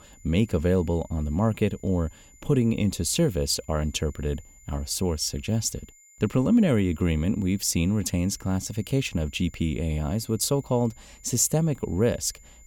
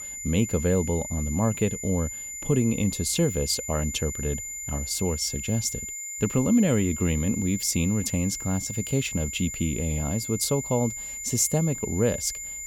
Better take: first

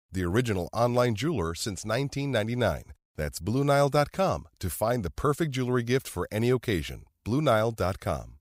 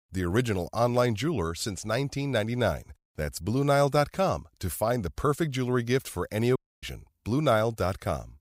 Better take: first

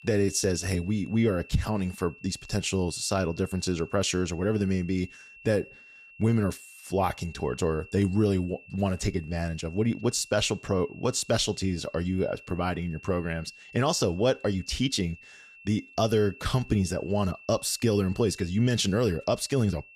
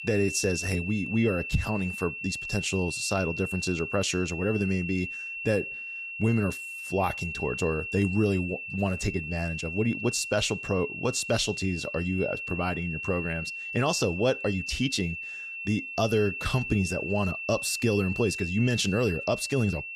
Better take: first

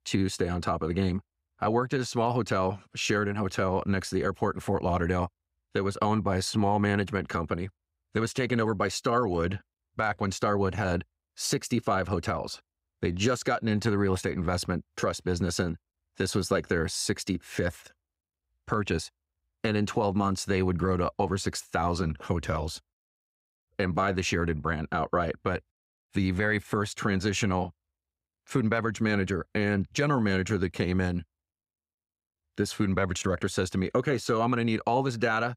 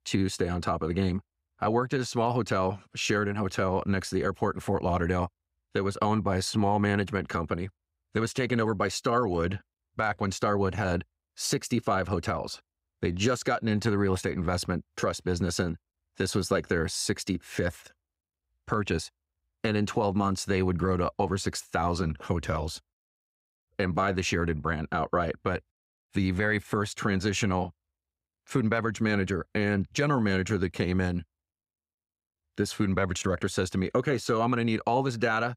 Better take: neither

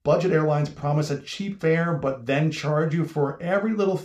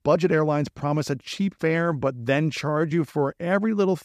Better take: second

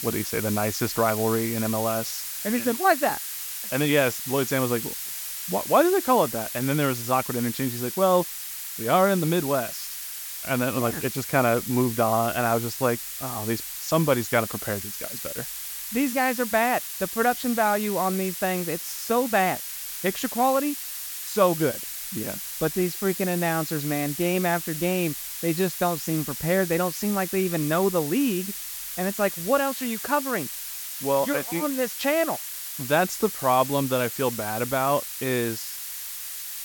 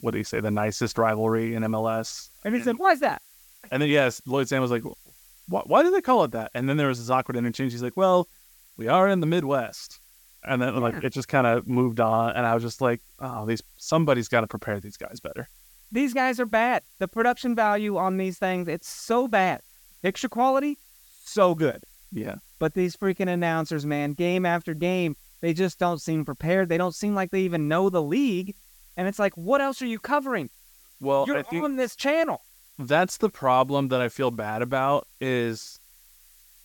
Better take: second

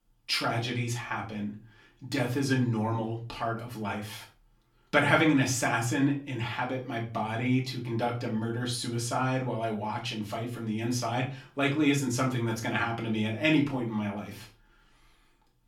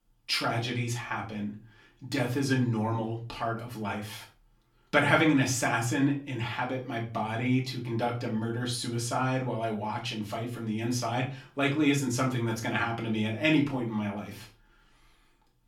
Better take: neither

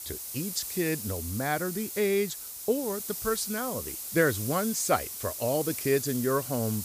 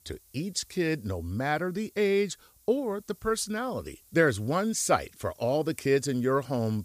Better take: second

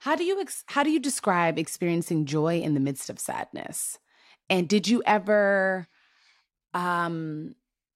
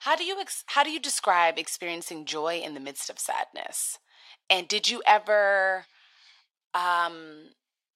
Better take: first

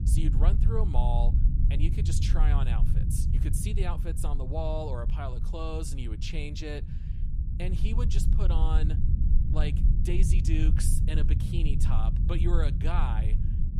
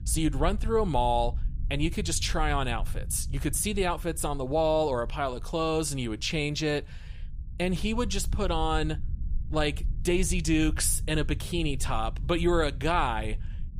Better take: second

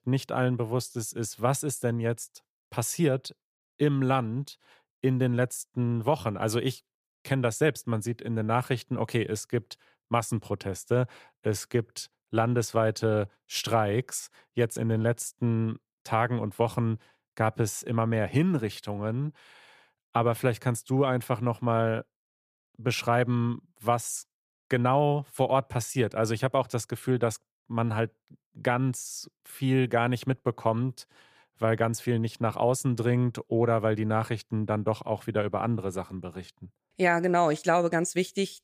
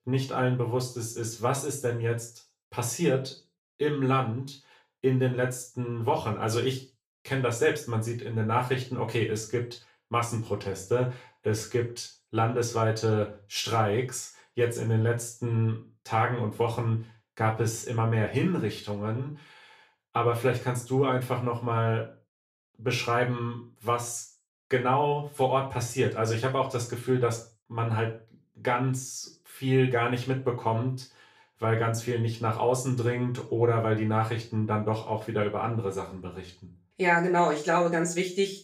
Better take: first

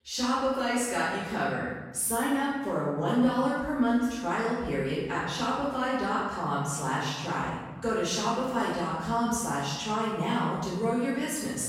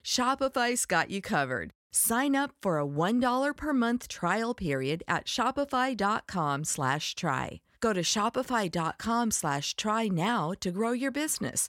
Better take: second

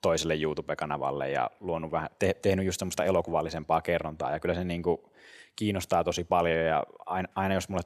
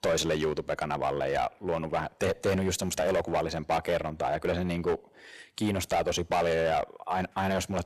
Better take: first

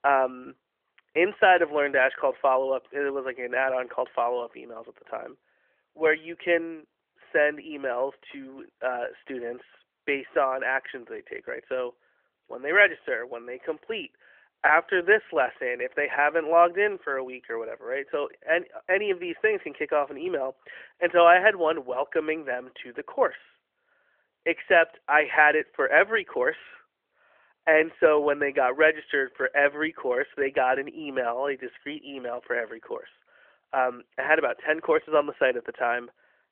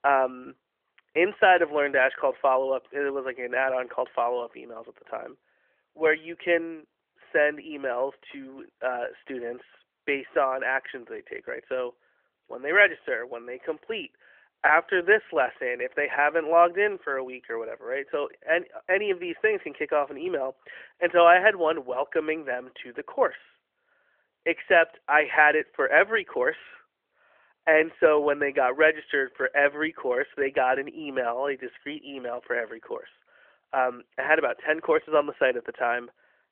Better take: neither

